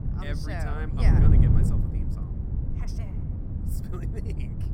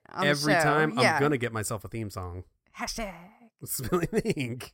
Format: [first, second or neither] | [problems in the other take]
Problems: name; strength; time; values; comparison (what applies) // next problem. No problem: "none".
second | wind noise on the microphone; heavy; 1 dB above the speech